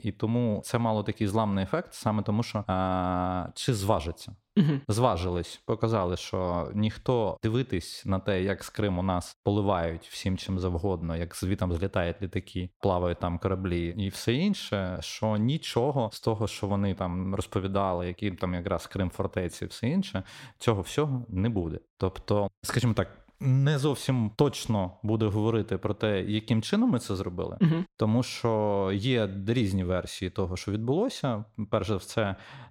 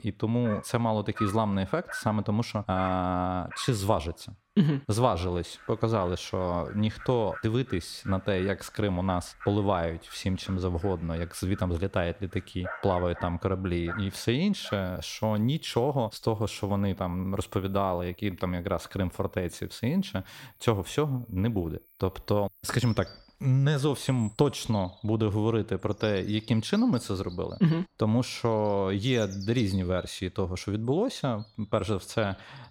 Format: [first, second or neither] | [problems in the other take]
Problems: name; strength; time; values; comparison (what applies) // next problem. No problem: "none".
first | animal sounds; noticeable; throughout; 20 dB below the speech